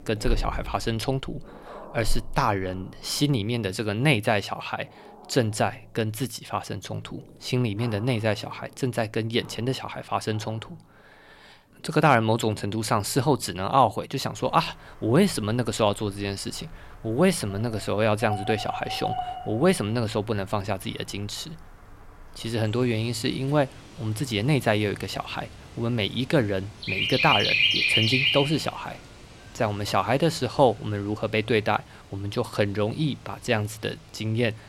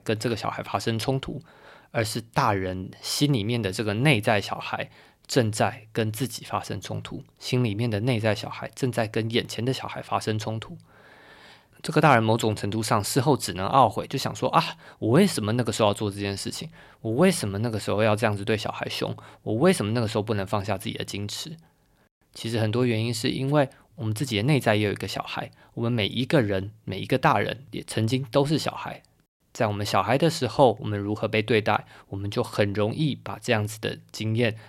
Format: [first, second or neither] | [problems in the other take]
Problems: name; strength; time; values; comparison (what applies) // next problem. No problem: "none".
second | animal sounds; very loud; throughout; 1 dB above the speech